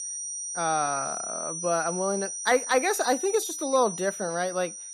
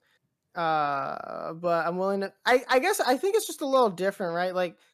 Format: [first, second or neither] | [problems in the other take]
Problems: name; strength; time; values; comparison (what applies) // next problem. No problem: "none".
second | high-pitched whine; loud; throughout; 6 kHz, 5 dB below the speech